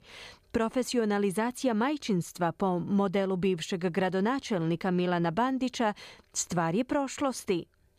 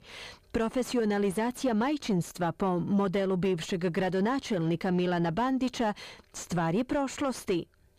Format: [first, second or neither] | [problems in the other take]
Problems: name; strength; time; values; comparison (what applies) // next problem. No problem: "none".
first | distortion; slight; 10 dB below the speech